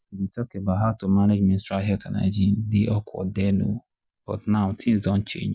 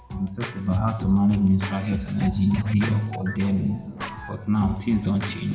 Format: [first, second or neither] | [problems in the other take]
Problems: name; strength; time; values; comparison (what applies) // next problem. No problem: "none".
first | background sound (Scratching (performance technique)); 11 dB below the speech // room echo; dies away in 1.6 s